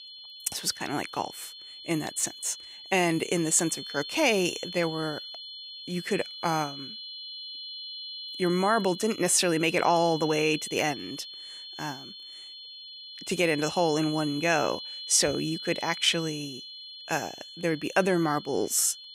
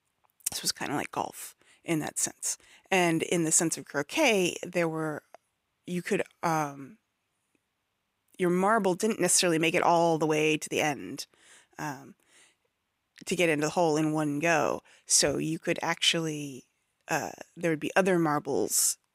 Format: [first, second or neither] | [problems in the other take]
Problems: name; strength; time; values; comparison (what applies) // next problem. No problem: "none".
second | high-pitched whine; noticeable; throughout; 4 kHz, 10 dB below the speech